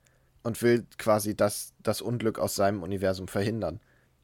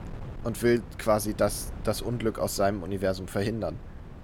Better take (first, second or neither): first